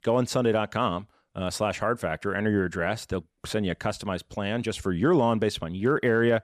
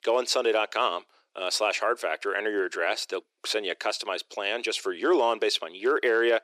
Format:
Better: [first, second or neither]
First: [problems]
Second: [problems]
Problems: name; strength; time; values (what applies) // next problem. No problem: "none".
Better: first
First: none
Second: thin; very; fading below 350 Hz